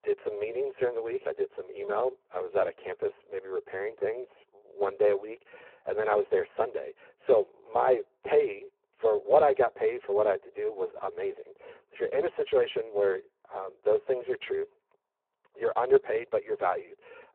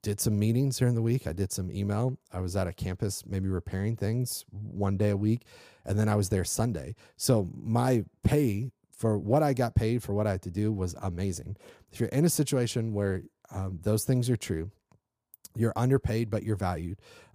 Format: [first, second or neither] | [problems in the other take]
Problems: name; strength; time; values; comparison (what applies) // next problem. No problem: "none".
second | phone-call audio; poor line